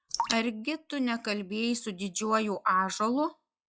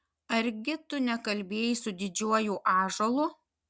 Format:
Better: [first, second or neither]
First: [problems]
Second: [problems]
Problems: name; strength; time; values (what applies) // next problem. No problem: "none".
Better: second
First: noise reduction (classical method log-MMSE)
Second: none